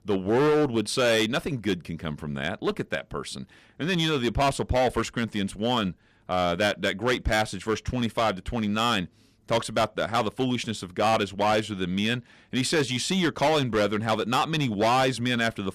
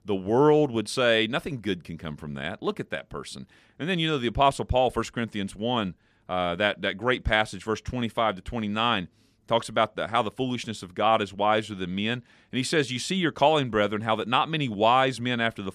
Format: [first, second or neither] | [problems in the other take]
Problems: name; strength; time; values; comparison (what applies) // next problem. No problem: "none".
second | distortion; heavy; 9% of the sound clipped